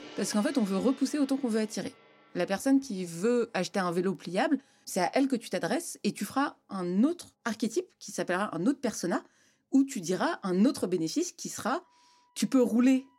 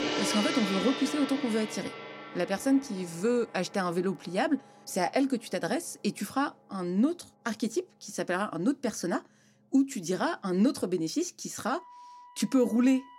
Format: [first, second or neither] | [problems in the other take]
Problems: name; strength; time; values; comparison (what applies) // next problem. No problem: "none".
first | background music; loud; throughout; 6 dB below the speech; faint in the first